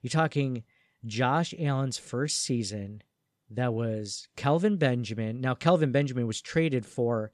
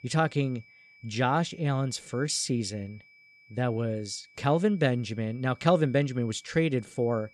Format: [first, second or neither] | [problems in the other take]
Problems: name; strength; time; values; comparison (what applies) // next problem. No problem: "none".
first | high-pitched whine; faint; throughout; 2.5 kHz, 25 dB below the speech